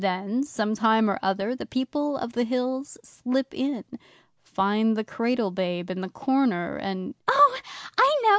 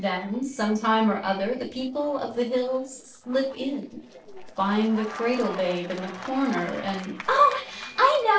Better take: first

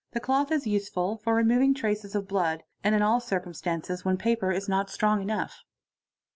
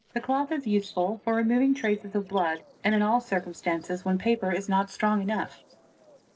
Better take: first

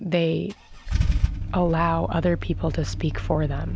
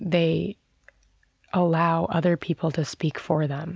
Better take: second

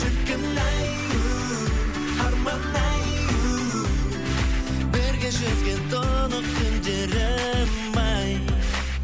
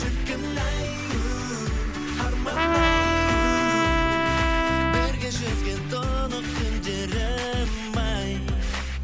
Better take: first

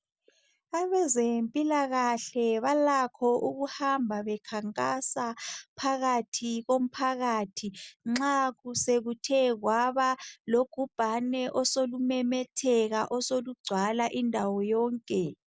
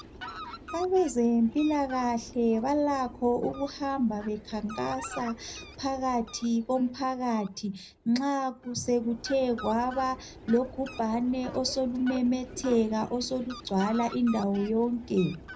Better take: first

